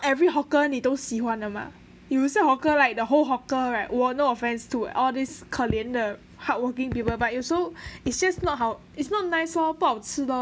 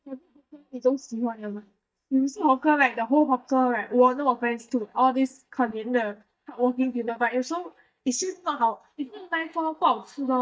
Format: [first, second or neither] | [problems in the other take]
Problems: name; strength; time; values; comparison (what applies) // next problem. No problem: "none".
first | noise reduction (neural mask model DeepFilterNet 3)